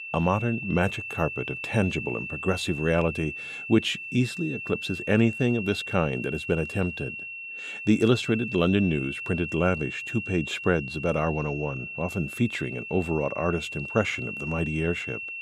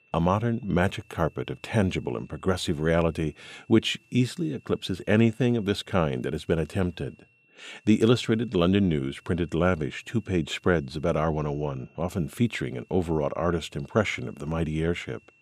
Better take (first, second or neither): second